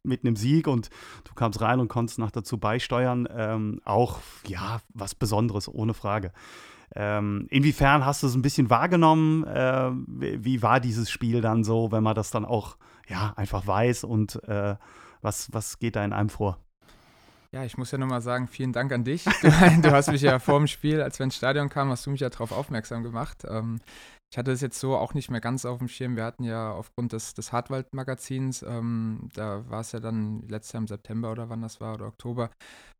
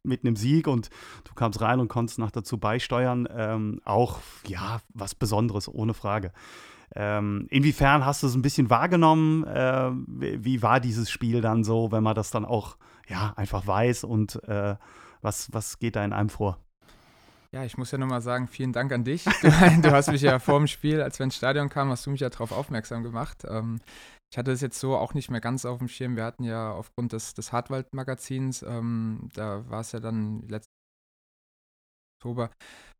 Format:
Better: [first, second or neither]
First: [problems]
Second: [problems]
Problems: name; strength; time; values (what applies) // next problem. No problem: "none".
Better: first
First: none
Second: audio cutting out; at 31 s for 1.5 s